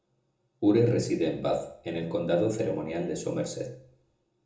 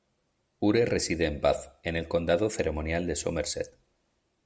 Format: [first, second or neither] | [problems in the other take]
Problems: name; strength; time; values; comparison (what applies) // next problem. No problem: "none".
second | room echo; dies away in 0.6 s